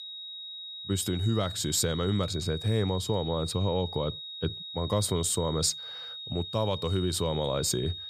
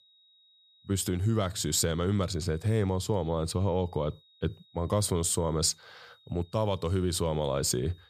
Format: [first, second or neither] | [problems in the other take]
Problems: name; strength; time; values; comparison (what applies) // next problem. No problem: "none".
second | high-pitched whine; loud; throughout; 4 kHz, 8 dB below the speech; faint in the second